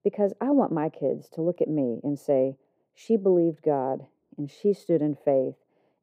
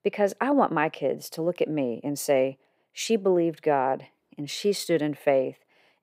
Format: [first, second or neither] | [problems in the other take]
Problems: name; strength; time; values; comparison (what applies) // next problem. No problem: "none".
second | muffled; very; fading above 1 kHz